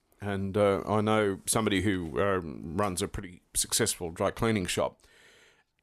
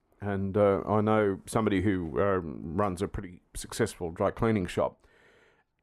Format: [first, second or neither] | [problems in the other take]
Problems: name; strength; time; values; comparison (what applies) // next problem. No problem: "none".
first | muffled; slightly; fading above 2.5 kHz